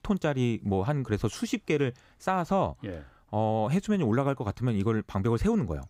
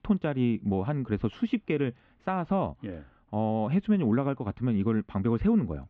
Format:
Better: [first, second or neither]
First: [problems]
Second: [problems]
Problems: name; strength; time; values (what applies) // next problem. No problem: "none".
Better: first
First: none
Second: muffled; very; fading above 3 kHz